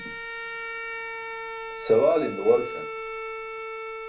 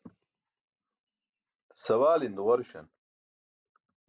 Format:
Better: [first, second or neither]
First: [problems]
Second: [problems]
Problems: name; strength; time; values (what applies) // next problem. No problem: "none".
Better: second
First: background sound (Bowed string instrument); 7 dB below the speech // room echo; dies away in 0.3 s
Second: none